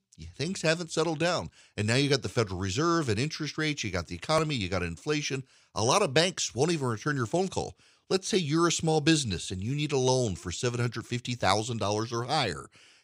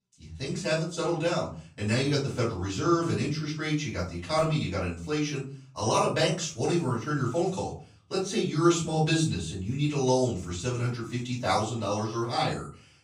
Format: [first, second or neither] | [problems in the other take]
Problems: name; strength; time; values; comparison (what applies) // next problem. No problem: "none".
first | off-mic speech; far // room echo; slight; dies away in 0.4 s